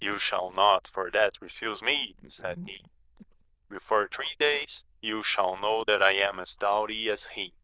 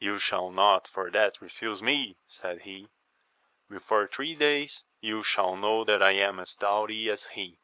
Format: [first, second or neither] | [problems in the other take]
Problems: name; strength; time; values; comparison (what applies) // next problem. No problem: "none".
second | noise reduction (neural diffusion model UNIVERSE++)